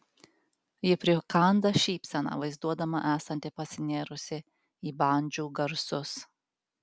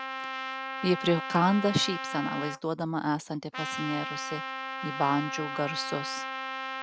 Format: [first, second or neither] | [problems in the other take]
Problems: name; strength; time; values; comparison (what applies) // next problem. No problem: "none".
first | background sound (Trumpet); 6 dB below the speech